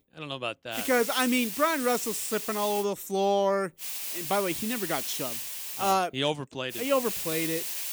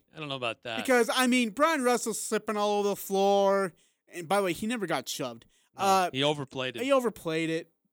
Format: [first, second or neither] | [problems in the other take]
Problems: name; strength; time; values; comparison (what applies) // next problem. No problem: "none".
second | hiss; loud; from 0.5 to 3 s, from 4 to 6 s and from 6.5 s on; 4 dB below the speech